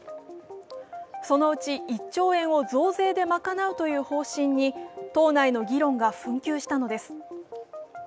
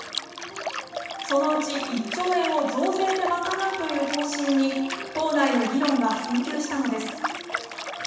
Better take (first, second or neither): first